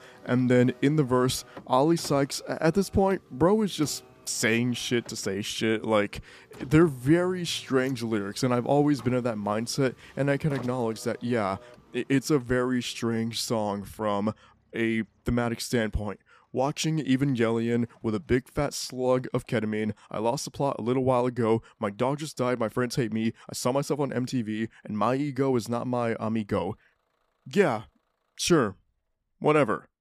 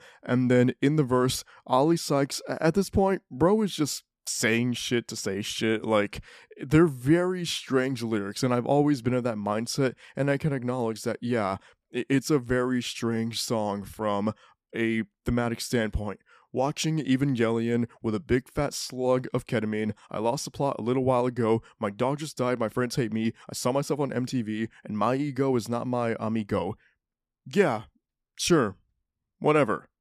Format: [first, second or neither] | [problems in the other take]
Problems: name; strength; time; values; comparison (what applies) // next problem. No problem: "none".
second | traffic noise; faint; throughout; 25 dB below the speech